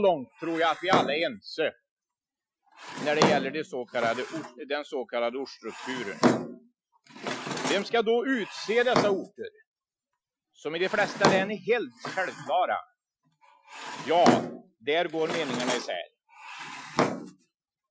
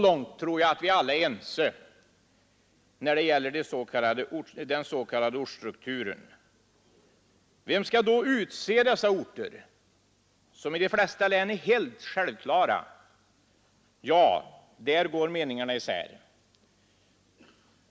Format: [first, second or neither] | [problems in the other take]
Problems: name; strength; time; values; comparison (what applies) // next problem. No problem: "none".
second | noise reduction (classical method Wiener filter)